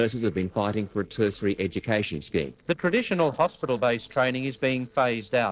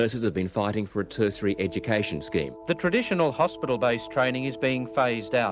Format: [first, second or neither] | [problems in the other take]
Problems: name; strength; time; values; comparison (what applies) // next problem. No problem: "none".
second | noise reduction (neural separator model SepFormer DNS4)